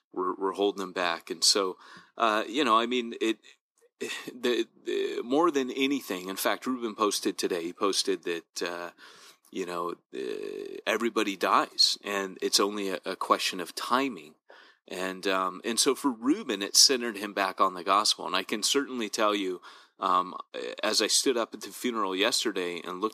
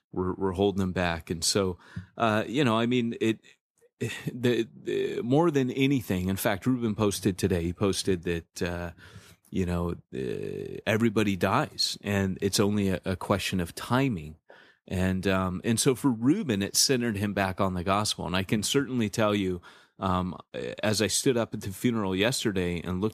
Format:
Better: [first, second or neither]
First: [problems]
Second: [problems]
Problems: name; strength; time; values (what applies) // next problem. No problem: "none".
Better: second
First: thin; somewhat; fading below 300 Hz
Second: none